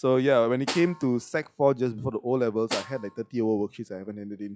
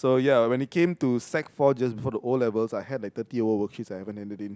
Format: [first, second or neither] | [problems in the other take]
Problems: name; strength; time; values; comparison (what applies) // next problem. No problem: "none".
second | noise reduction (classical method log-MMSE)